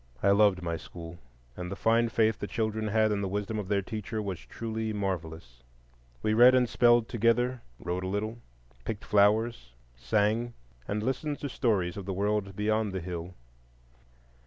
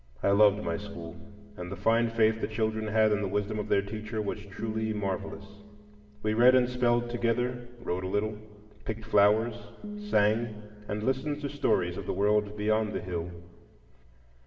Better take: first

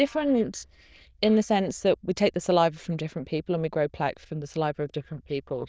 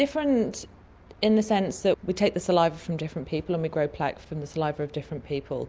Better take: second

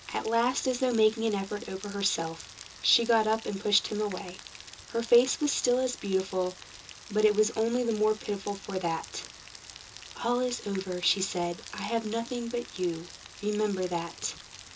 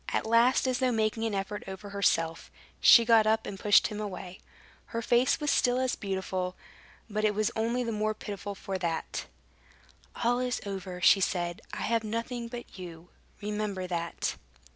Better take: second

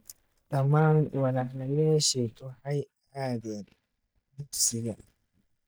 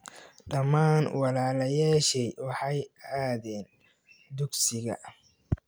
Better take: second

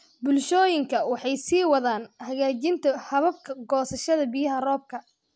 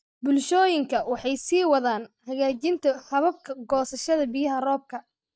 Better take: first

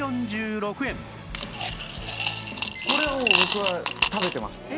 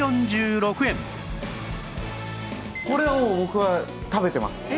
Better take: second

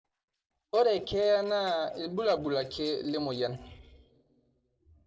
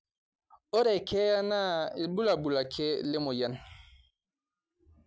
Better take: second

